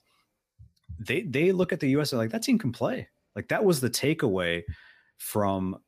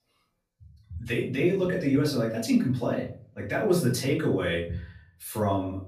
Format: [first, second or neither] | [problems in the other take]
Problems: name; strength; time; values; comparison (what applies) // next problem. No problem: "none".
first | off-mic speech; far // room echo; slight; dies away in 0.4 s